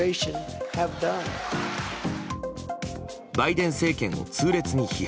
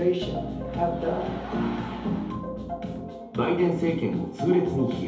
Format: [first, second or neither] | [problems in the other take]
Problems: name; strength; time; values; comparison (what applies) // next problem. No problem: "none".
first | background sound (Piano); 12 dB below the speech // room echo; dies away in 2.2 s